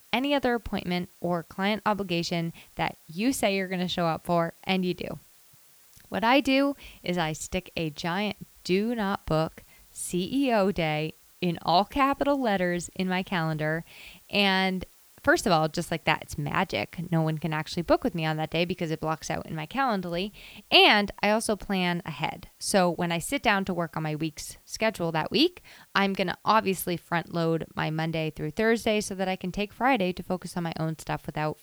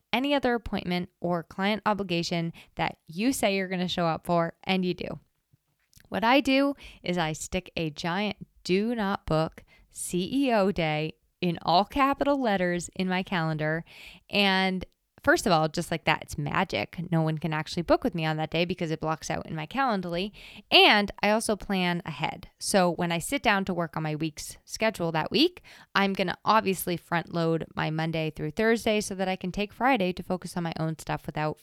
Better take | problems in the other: second | hiss; faint; throughout; 30 dB below the speech

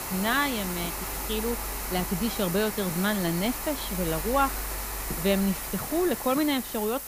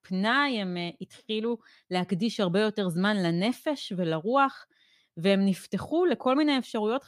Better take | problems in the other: second | hiss; loud; throughout; 4 dB below the speech

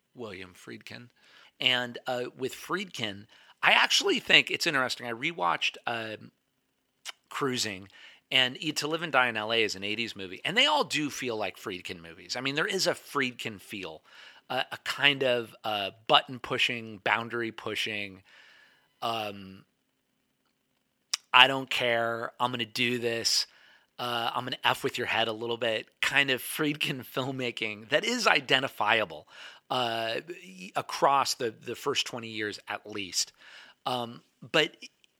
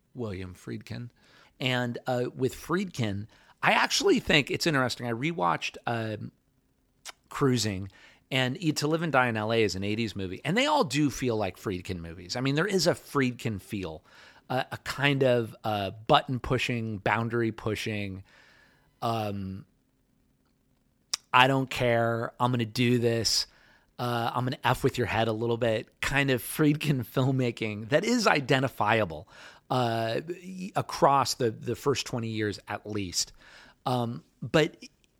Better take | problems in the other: second | thin; somewhat; fading below 500 Hz

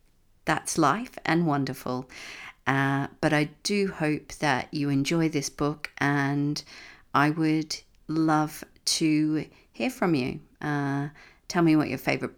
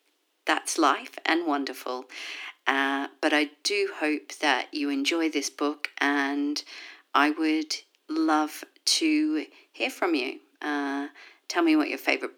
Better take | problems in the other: first | thin; very slightly; fading below 300 Hz

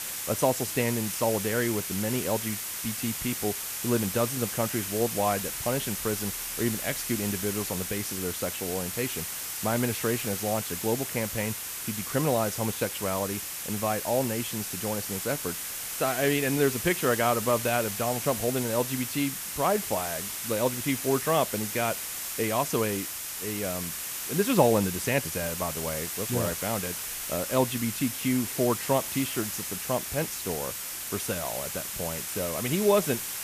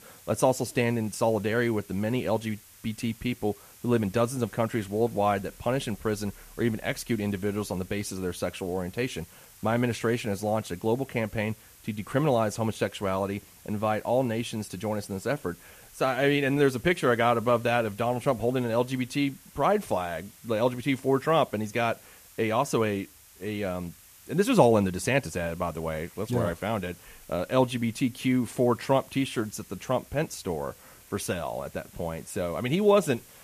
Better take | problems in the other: second | hiss; loud; throughout; 3 dB below the speech; faint in the second

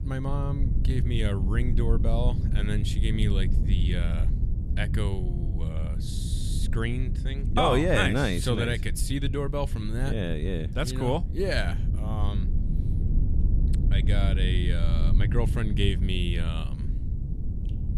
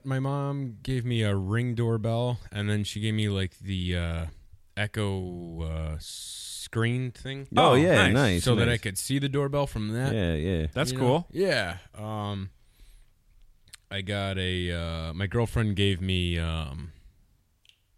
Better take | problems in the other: second | low rumble; noticeable; throughout; 10 dB below the speech

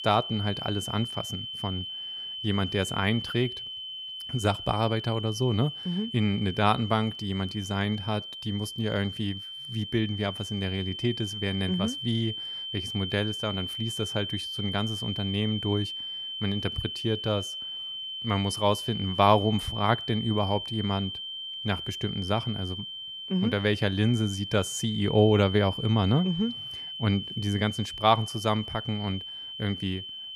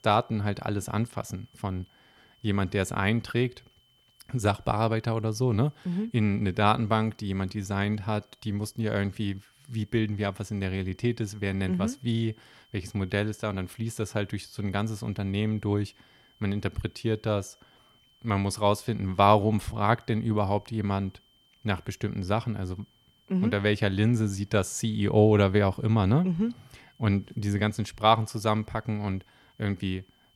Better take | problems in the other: second | high-pitched whine; loud; throughout; 3 kHz, 6 dB below the speech; faint in the second

